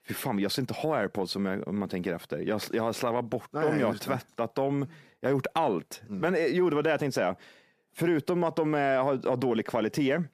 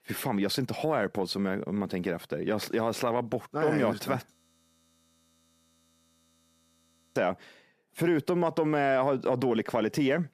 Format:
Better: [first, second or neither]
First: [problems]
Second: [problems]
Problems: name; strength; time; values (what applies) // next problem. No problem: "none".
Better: first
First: none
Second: audio freezing; at 4.5 s for 3 s